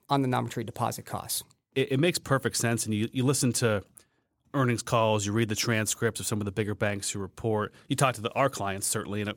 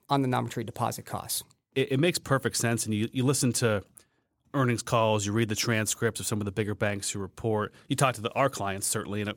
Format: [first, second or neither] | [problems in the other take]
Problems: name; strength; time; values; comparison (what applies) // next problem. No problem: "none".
neither | none